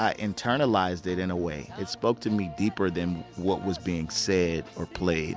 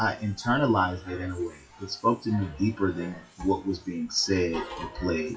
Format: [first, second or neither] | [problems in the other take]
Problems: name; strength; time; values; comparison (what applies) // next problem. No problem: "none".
first | noise reduction (classical method WPE with log-MMSE)